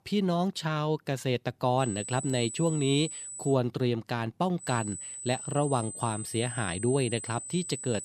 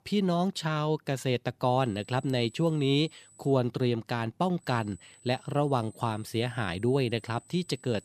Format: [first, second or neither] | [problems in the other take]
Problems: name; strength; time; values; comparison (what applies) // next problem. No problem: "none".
second | high-pitched whine; loud; from 2 to 3.5 s and from 4.5 s on; 8 kHz, 8 dB below the speech; faint in the second